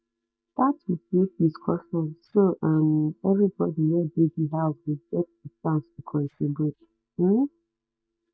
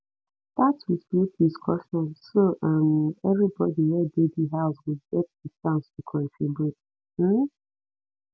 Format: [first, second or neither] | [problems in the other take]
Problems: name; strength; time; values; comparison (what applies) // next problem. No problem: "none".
second | noise reduction (neural mask model DeepFilterNet 3)